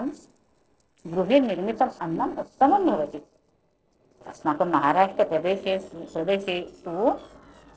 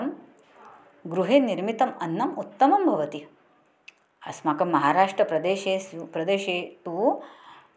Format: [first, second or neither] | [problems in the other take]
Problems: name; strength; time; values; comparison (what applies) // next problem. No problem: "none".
second | noise reduction (neural separator model SepFormer DNS4)